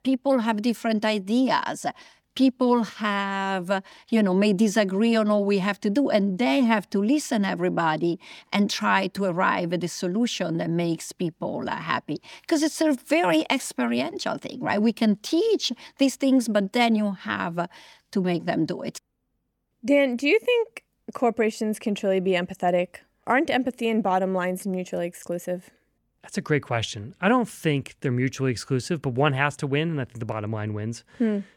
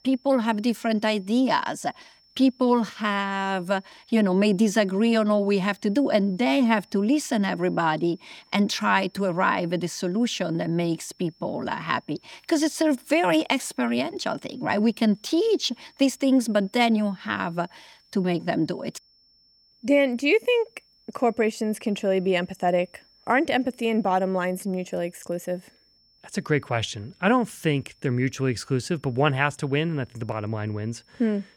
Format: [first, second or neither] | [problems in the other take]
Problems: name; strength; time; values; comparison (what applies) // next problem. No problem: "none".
first | high-pitched whine; faint; throughout; 5.5 kHz, 35 dB below the speech